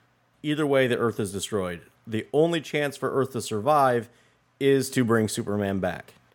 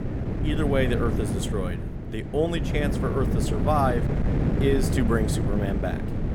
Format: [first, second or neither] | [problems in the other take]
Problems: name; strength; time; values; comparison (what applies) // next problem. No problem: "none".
first | wind noise on the microphone; heavy; 6 dB below the speech